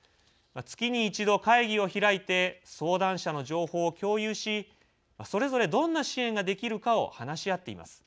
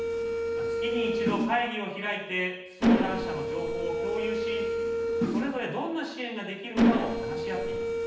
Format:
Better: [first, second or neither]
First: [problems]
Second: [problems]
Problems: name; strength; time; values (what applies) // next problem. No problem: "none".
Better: first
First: none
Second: background sound (Mechanisms); 5 dB above the speech // room echo; dies away in 0.9 s